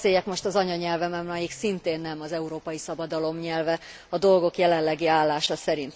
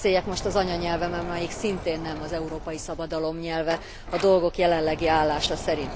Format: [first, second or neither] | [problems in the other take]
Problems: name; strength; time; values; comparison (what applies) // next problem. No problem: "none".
first | background sound (Sliding door); 10 dB below the speech